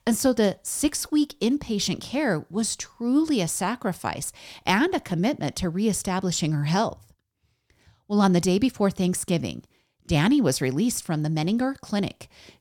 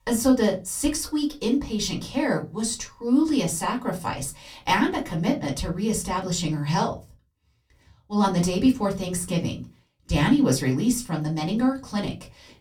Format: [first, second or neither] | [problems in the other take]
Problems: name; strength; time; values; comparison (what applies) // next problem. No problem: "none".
first | off-mic speech; far // room echo; very slight; dies away in 0.2 s